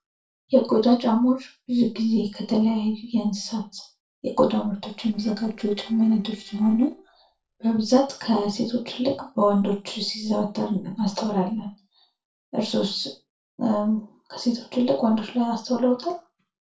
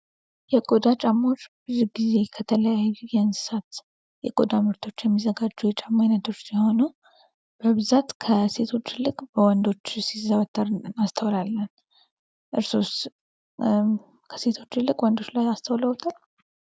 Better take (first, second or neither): second